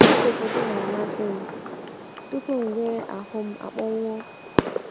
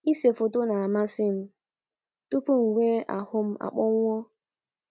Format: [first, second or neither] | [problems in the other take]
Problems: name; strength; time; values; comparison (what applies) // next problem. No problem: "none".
second | background sound (Fireworks); 3 dB above the speech